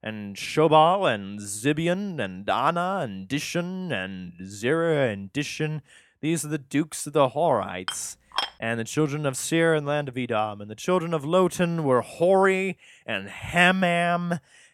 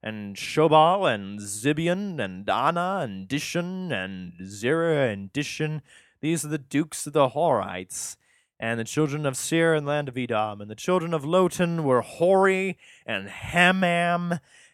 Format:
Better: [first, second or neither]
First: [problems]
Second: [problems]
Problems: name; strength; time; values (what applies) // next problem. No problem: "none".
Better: second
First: clattering dishes; noticeable; at 8 s; peak 5 dB below the speech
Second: none